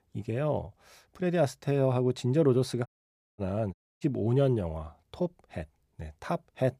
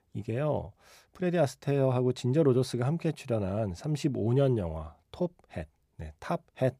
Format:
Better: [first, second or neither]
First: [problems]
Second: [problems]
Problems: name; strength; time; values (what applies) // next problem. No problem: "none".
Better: second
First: audio cutting out; at 3 s for 0.5 s and at 3.5 s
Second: none